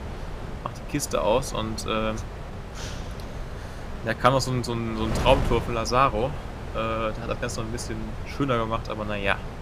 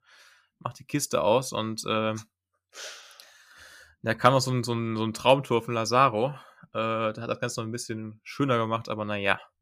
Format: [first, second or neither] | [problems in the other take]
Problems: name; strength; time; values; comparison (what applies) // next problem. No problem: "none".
second | wind noise on the microphone; occasional gusts; 15 dB below the speech